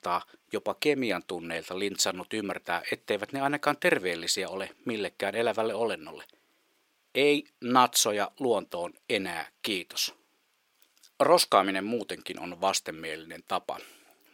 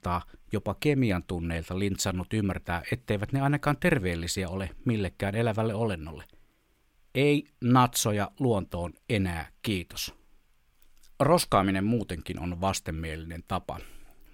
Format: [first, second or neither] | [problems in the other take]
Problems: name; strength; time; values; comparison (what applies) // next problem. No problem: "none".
second | thin; somewhat; fading below 400 Hz